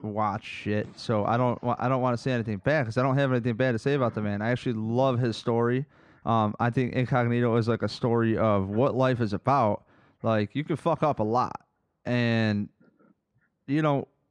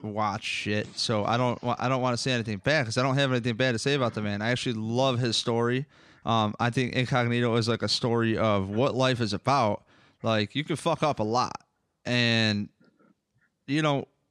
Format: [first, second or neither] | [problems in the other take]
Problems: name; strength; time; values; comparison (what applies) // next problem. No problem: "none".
second | muffled; slightly; fading above 2.5 kHz